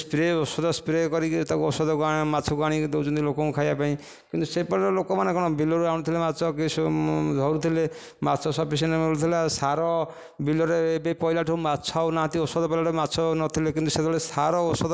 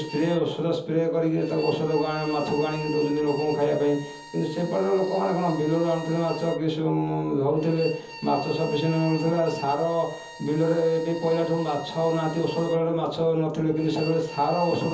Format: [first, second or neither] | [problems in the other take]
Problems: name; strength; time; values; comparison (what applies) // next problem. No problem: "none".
first | background sound (Bowed string instrument); 17 dB below the speech // room echo; dies away in 0.7 s